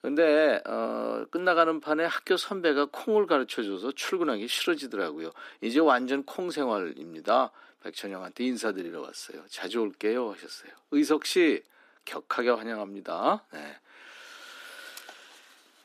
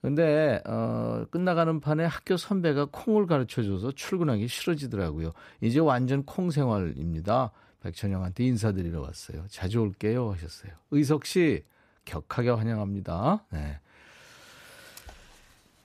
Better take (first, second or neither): second